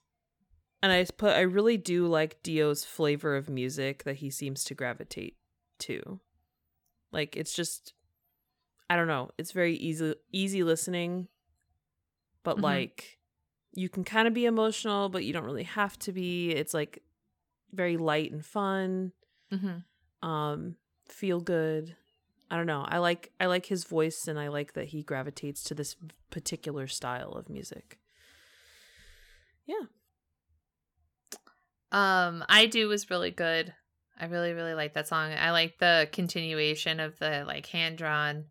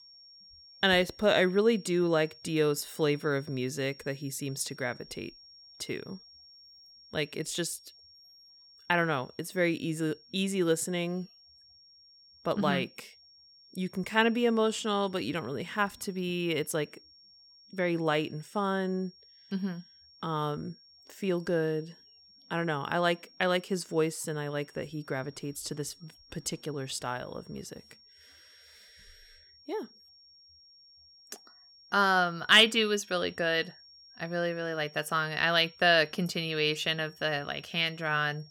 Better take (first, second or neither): first